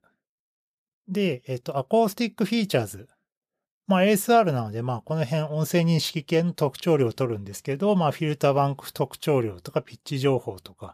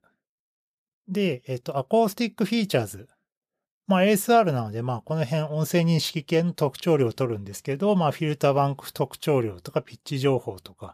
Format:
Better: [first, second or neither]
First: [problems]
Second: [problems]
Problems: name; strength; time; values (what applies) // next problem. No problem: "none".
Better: neither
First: none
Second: none